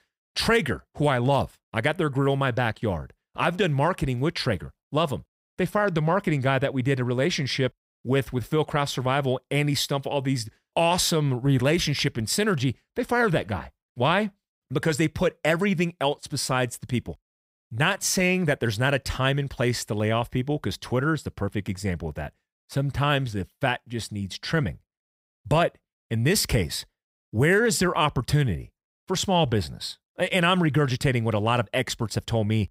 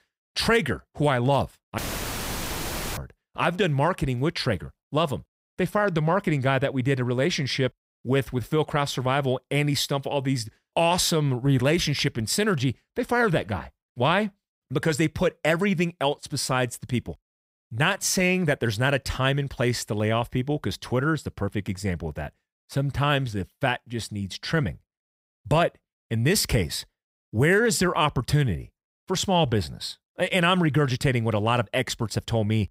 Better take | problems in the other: first | audio cutting out; filled with static; at 2 s for 1 s

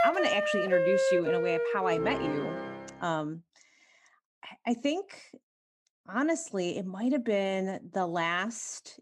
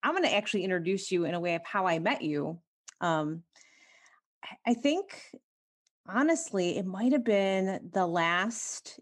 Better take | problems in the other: second | background music; very loud; until 2.5 s; 2 dB above the speech

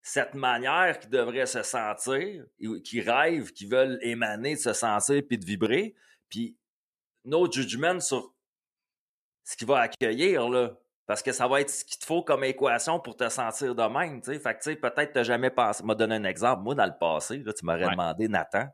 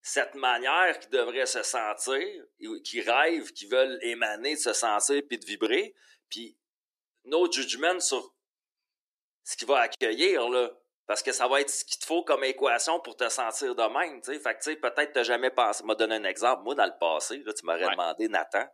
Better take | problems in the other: first | thin; somewhat; fading below 300 Hz

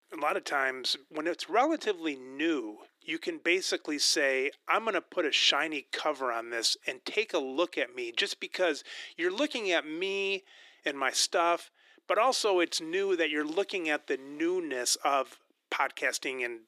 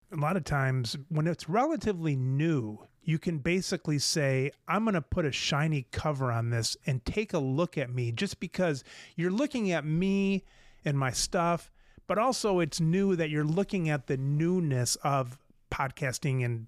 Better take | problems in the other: second | thin; very; fading below 300 Hz

